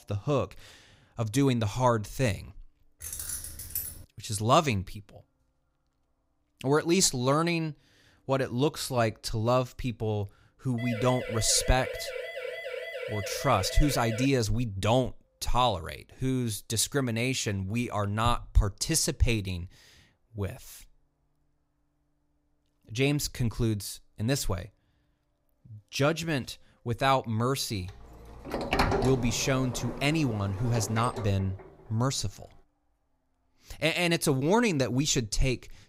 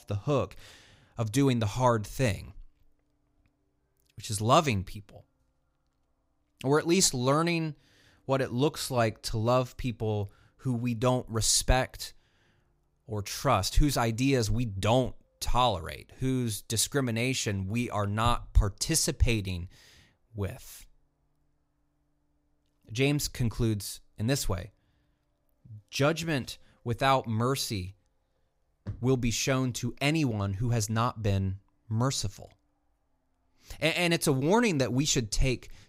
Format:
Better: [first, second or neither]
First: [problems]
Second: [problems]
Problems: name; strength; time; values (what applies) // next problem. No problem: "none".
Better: second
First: jangling keys; noticeable; from 3 to 4 s; peak 5 dB below the speech // siren; noticeable; from 11 to 14 s; peak 8 dB below the speech // door banging; loud; from 28 to 31 s; peak 2 dB above the speech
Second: none